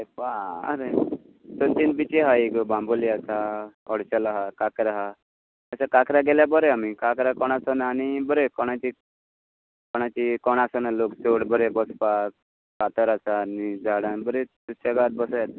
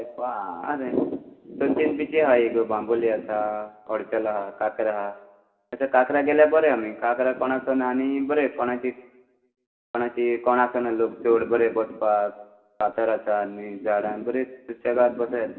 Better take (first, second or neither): first